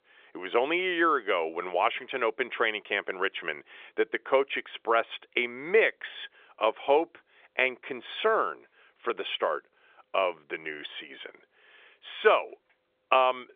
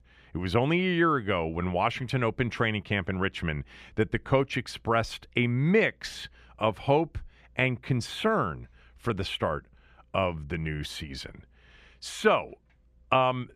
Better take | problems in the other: second | phone-call audio; nothing above 3.5 kHz

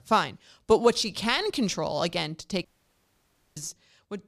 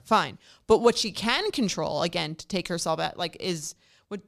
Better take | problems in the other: second | audio cutting out; at 2.5 s for 1 s

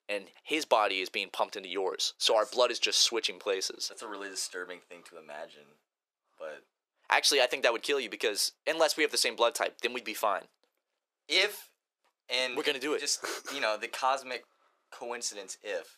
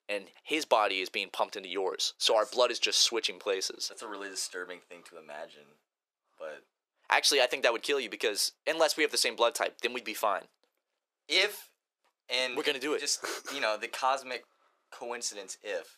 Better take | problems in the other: neither | thin; very; fading below 400 Hz; the same in both

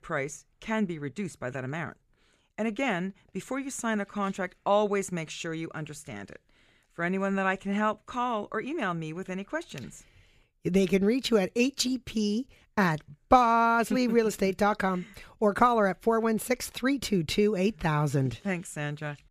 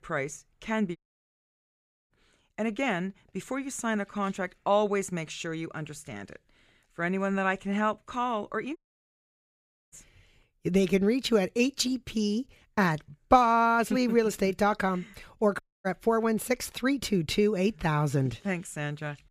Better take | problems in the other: first | audio cutting out; at 1 s for 1 s, at 9 s for 1 s and at 16 s

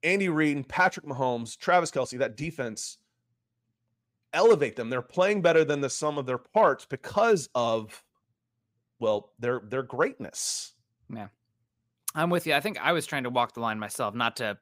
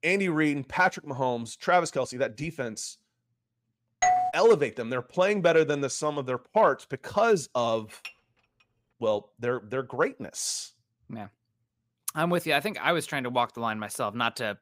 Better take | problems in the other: first | doorbell; loud; at 4 s; peak 3 dB above the speech // clattering dishes; faint; at 8 s; peak 15 dB below the speech

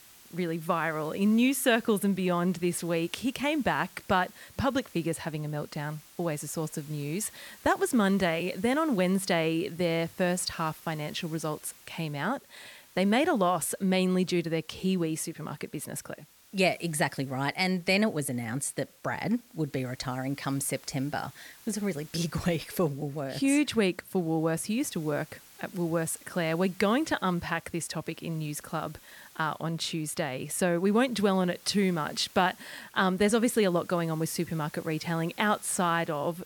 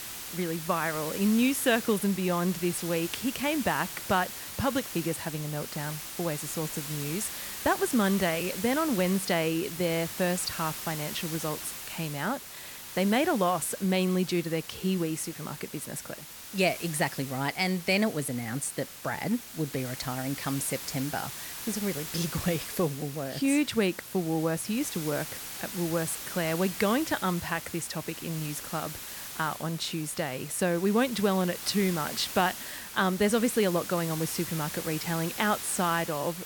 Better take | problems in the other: first | hiss; loud; throughout; 8 dB below the speech; faint in the first

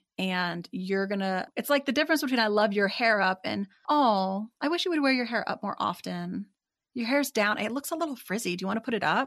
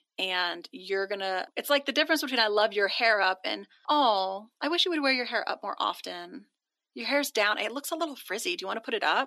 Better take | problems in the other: first | thin; somewhat; fading below 300 Hz

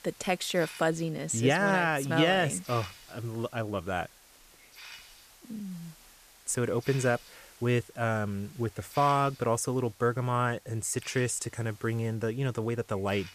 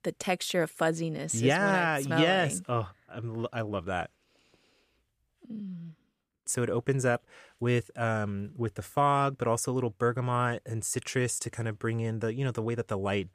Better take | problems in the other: second | hiss; faint; throughout; 20 dB below the speech

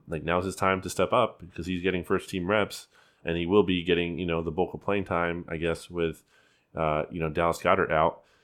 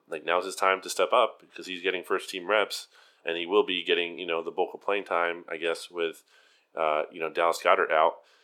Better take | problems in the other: first | thin; somewhat; fading below 400 Hz

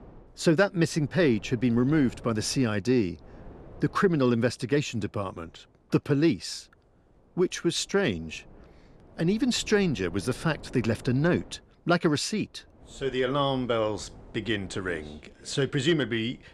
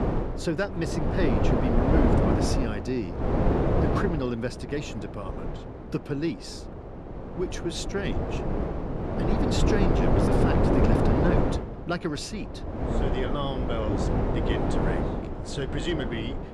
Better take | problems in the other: first | wind noise on the microphone; heavy; 4 dB above the speech; occasional gusts in the first

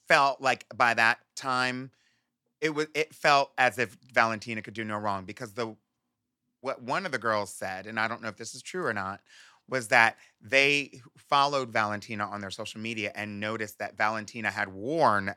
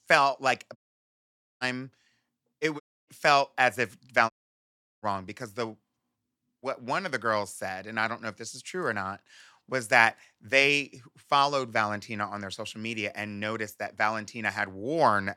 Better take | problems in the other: first | audio cutting out; at 1 s for 1 s, at 3 s and at 4.5 s for 0.5 s

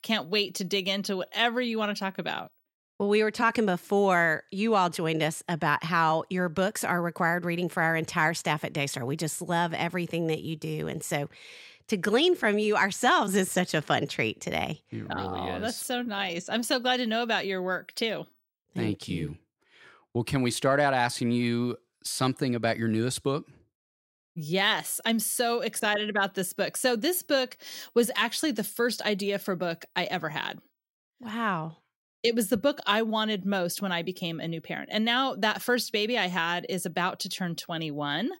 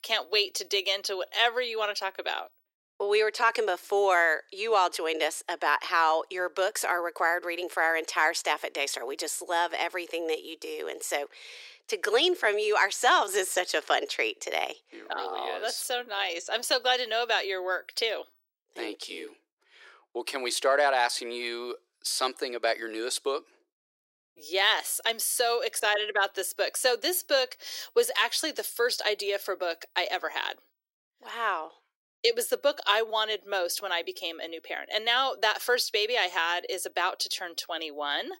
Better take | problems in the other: first | thin; very; fading below 350 Hz

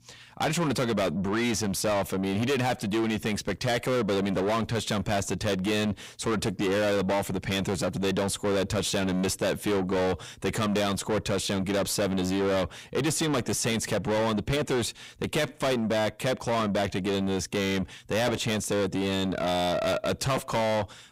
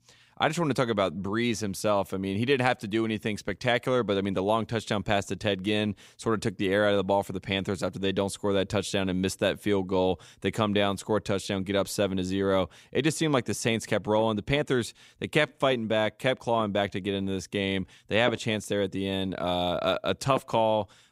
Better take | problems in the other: second | distortion; heavy; 6 dB below the speech

